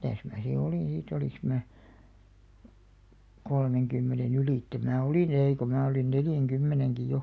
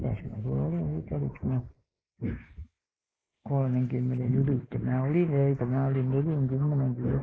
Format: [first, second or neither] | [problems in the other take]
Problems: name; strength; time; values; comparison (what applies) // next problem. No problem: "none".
first | noise reduction (neural mask model Resemble Enhance denoiser)